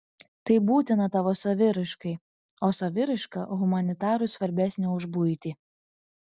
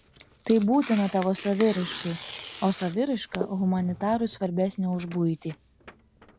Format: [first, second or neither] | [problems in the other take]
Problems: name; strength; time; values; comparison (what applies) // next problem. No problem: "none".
first | background sound (Tearing); 15 dB below the speech